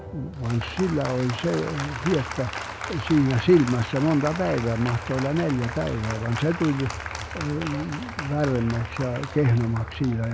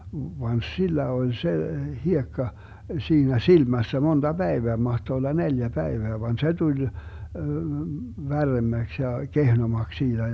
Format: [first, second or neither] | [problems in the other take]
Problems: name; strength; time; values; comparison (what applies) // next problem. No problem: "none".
second | background sound (Applause); 11 dB below the speech